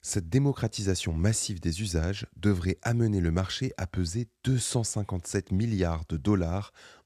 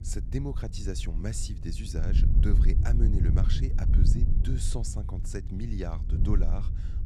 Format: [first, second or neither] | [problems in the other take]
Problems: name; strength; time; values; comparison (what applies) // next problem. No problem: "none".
first | wind noise on the microphone; heavy; 4 dB below the speech